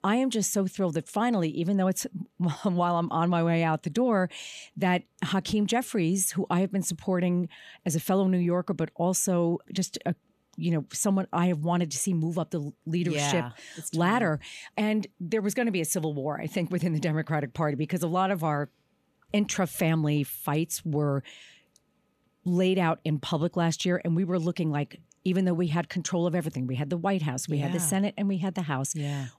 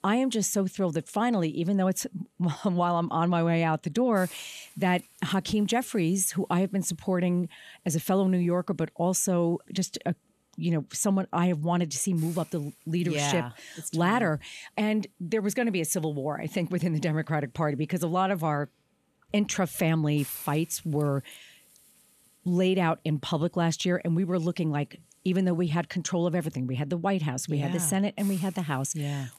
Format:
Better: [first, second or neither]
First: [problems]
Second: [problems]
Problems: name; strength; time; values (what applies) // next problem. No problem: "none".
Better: first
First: none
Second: hiss; faint; throughout; 25 dB below the speech